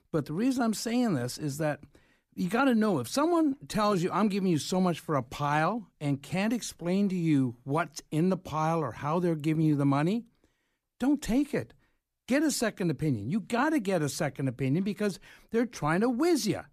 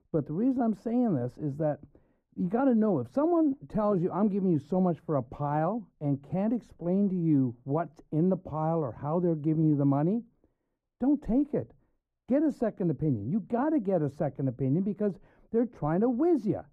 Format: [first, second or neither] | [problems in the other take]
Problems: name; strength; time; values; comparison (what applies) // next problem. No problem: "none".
first | muffled; very; fading above 1.5 kHz